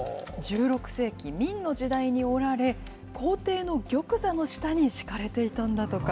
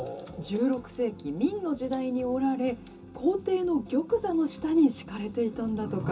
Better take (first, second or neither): first